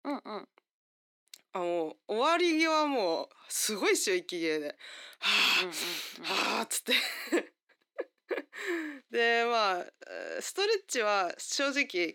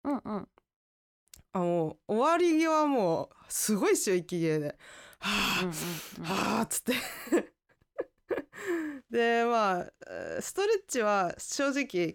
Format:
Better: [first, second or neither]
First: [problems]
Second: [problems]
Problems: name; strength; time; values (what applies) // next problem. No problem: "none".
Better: second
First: thin; very slightly; fading below 250 Hz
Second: none